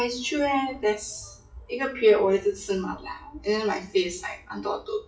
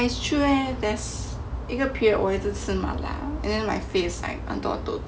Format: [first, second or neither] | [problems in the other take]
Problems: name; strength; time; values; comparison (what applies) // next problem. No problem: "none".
second | noise reduction (classical method WPE with log-MMSE)